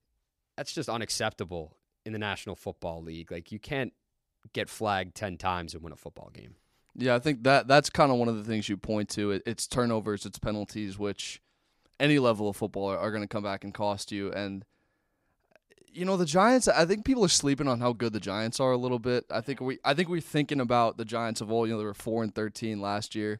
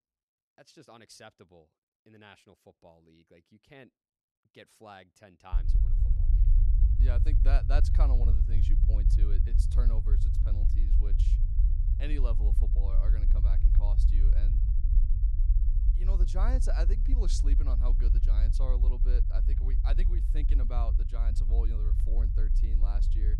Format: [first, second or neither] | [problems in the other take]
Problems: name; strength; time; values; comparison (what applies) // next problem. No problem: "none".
first | low rumble; loud; from 5.5 s on; 4 dB below the speech